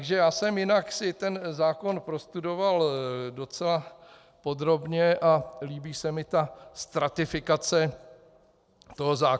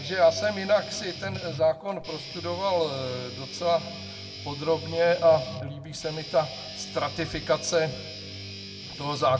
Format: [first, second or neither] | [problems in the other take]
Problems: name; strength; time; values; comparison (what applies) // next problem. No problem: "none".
first | background sound (Guitar); 12 dB below the speech // room echo; dies away in 1 s